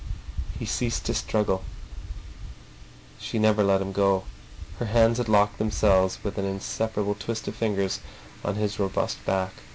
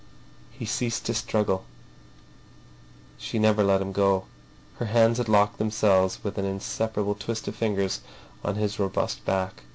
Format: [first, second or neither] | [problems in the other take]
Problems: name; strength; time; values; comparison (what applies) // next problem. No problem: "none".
second | background sound (Wind); 10 dB below the speech